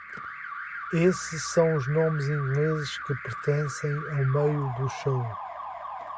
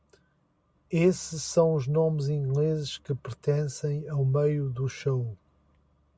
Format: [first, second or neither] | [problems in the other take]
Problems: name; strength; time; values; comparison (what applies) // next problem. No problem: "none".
second | background sound (Alarm); 10 dB below the speech